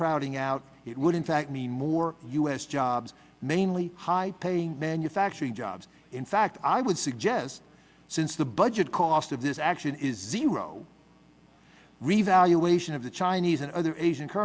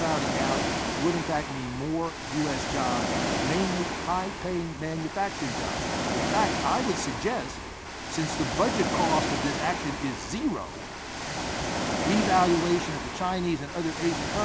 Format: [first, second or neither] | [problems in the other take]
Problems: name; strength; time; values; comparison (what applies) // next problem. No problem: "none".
first | background sound (Ocean); 1 dB below the speech